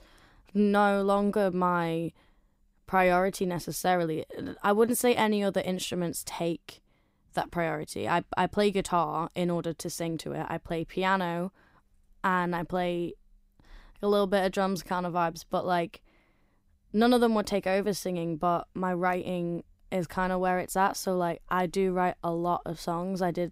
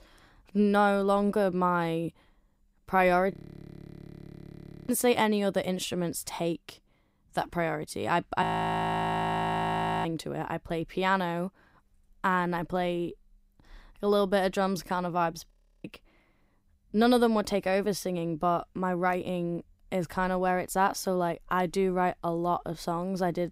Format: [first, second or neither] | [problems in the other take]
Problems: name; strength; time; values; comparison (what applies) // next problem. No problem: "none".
first | audio freezing; at 3.5 s for 1.5 s, at 8.5 s for 1.5 s and at 16 s